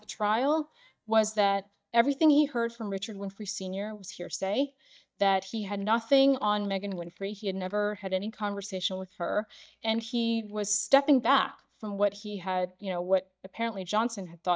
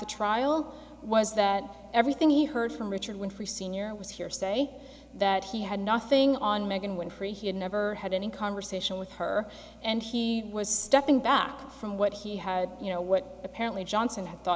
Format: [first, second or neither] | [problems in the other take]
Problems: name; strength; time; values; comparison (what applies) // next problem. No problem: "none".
second | noise reduction (neural mask model DeepFilterNet 3)